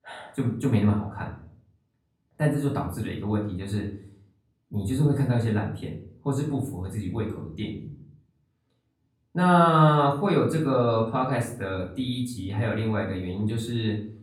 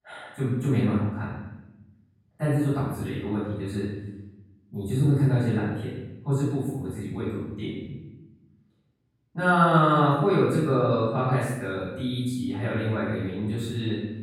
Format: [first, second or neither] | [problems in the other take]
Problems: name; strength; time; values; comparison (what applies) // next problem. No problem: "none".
first | room echo; strong; dies away in 0.9 s; slight in the first // off-mic speech; far; far in the first